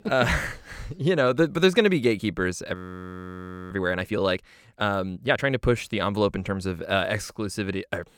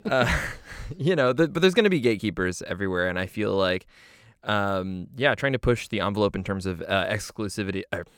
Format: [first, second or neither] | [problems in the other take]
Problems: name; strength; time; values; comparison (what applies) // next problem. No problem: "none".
second | audio freezing; at 3 s for 1 s